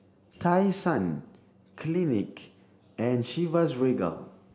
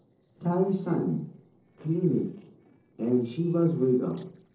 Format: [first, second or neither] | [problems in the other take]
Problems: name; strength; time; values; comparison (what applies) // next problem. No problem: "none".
first | noise reduction (neural separator model SepFormer DNS4)